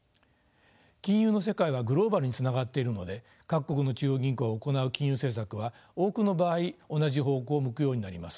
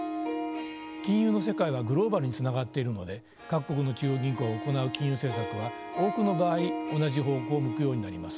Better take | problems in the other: first | background sound (Harp); 7 dB below the speech

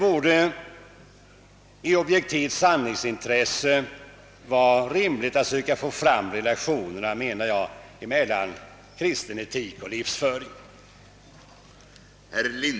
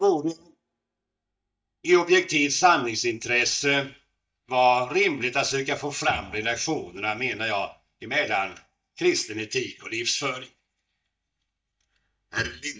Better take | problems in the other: first | noise reduction (neural mask model DeepFilterNet 3)

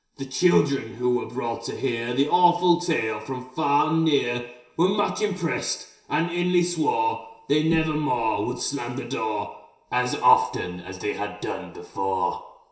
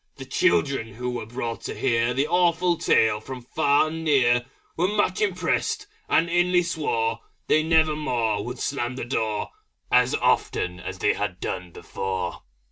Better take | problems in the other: second | room echo; dies away in 0.7 s

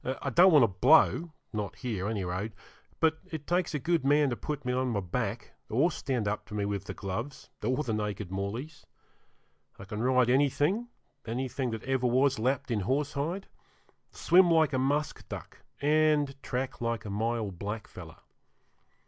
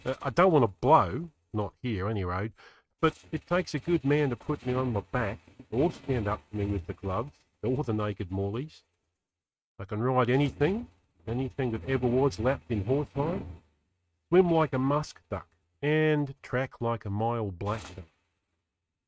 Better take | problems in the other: first | noise reduction (neural mask model RNNoise)

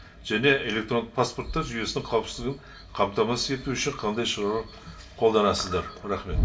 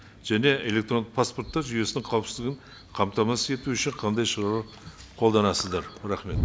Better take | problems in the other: second | room echo; dies away in 0.2 s

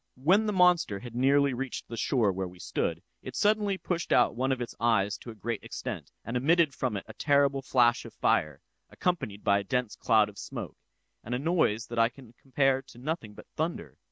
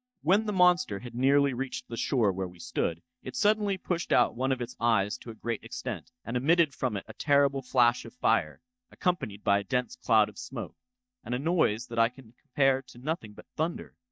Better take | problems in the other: first | noise reduction (neural mask model DeepFilterNet 3)

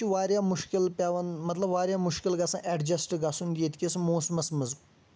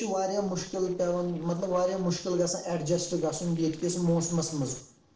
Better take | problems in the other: first | noise reduction (neural separator model SepFormer DNS4)

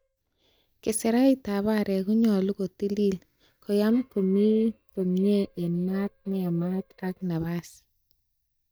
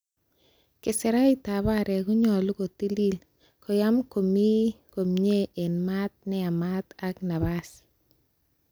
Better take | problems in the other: second | noise reduction (neural mask model DeepFilterNet 3)

